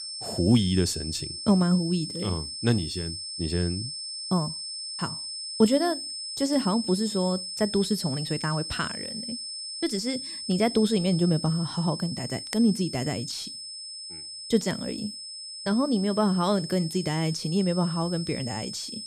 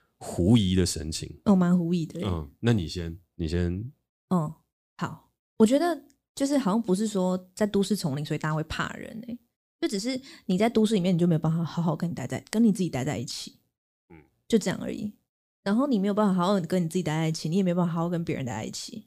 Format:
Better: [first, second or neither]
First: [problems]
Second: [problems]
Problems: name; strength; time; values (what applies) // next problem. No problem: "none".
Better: second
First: high-pitched whine; loud; throughout; 5 kHz, 7 dB below the speech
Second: none